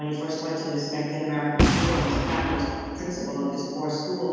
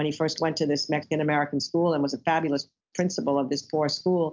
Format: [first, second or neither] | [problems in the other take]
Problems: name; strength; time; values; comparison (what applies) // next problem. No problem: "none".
second | background sound (Boom); 1 dB above the speech // room echo; dies away in 2.1 s